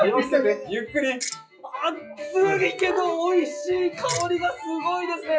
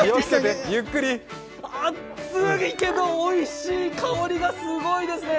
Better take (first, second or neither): second